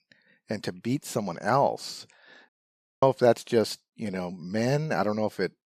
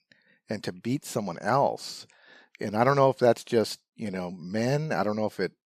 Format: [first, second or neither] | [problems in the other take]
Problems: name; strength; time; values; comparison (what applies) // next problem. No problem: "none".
second | audio cutting out; at 2.5 s for 0.5 s